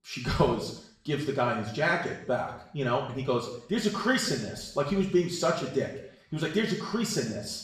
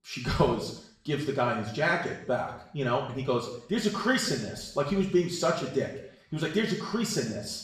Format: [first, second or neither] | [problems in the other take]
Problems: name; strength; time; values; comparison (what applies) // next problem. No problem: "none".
neither | room echo; noticeable; dies away in 0.7 s; the same in both // off-mic speech; far; the same in both